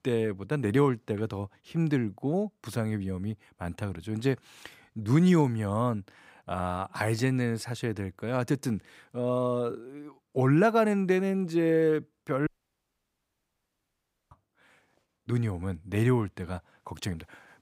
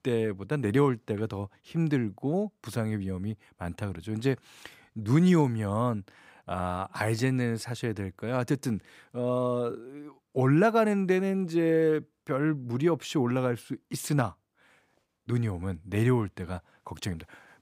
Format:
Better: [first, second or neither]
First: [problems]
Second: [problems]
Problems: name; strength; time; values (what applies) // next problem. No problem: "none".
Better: second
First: audio cutting out; at 12 s for 2 s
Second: none